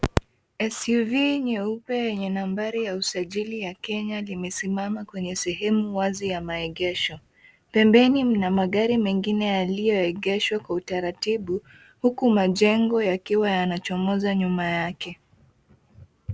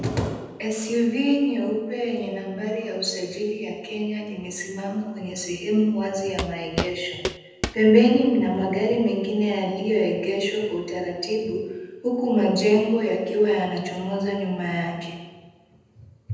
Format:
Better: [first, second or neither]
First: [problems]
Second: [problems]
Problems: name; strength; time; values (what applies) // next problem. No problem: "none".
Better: first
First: none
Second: background sound (Walk, footsteps); 7 dB below the speech // room echo; dies away in 1 s